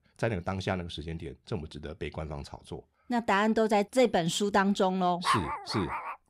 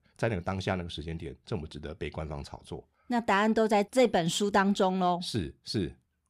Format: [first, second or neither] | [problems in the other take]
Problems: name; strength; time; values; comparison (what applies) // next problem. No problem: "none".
second | dog barking; loud; at 5 s; peak level with the speech